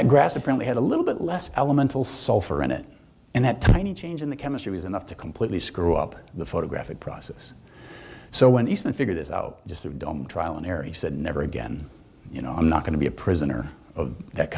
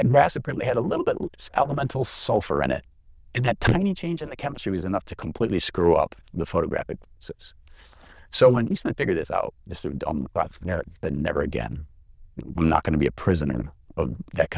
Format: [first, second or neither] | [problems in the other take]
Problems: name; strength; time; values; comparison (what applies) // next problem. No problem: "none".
first | noise reduction (neural diffusion model UNIVERSE++)